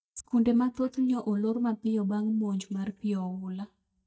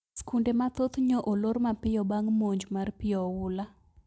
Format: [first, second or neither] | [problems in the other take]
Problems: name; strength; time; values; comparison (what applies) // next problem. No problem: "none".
second | noise reduction (neural mask model DeepFilterNet 3)